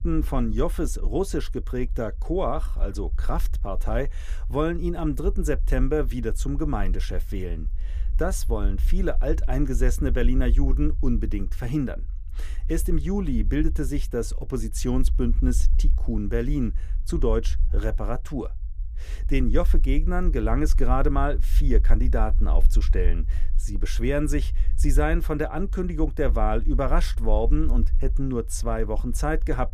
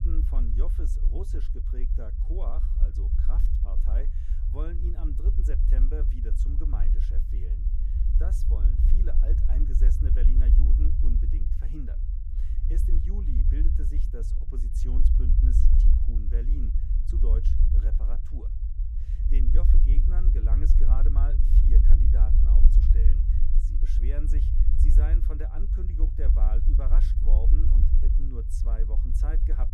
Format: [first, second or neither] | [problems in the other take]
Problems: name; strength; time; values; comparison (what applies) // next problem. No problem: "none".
first | low rumble; loud; throughout; as loud as the speech; faint in the first